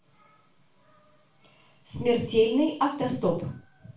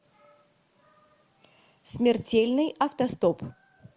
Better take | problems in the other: second | room echo; dies away in 0.3 s

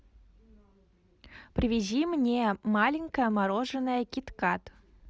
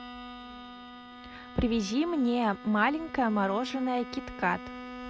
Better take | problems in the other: first | background sound (Bowed string instrument); 14 dB below the speech

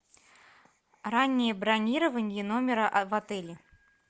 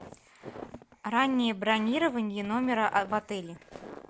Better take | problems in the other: first | background sound (Walk, footsteps); 18 dB below the speech

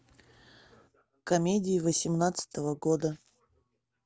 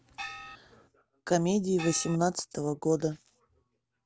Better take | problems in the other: first | background sound (Gong); 10 dB below the speech

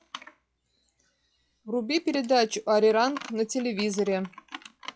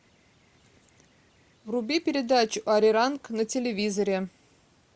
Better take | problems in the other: second | noise reduction (classical method log-MMSE)

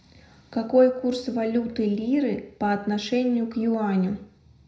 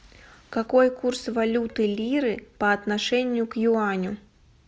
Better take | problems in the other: second | room echo; dies away in 0.5 s

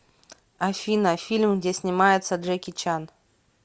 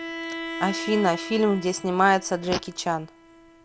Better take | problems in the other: first | background sound (Bowed string instrument + Fart); 10 dB below the speech

